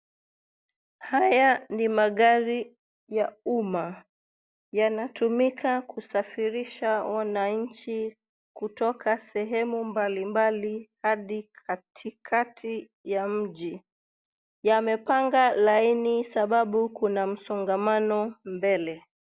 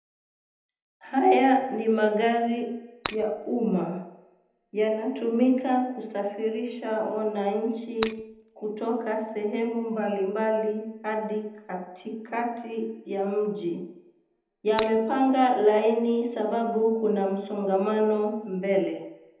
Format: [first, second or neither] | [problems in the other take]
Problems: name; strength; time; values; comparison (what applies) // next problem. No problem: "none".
first | background sound (Shatter); 11 dB below the speech // room echo; dies away in 0.8 s